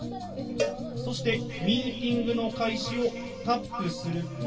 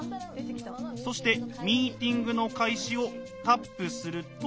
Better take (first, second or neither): second